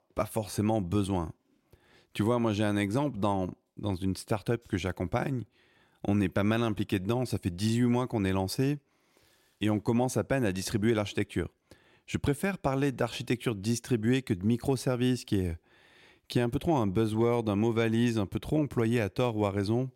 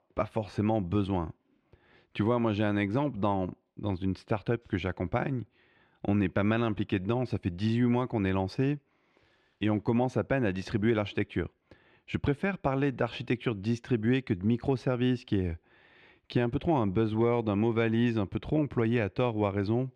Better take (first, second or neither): first